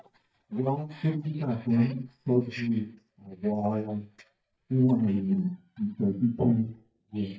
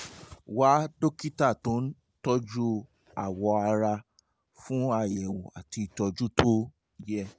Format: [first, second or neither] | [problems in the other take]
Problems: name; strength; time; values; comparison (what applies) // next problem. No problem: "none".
second | noise reduction (neural mask model DeepFilterNet 3)